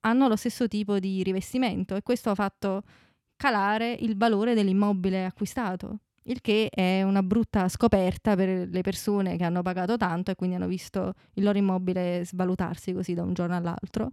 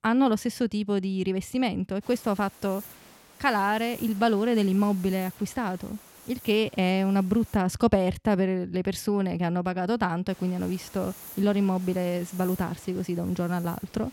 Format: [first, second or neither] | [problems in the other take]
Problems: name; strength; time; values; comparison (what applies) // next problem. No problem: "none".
first | hiss; noticeable; from 2 to 7.5 s and from 10 s on; 20 dB below the speech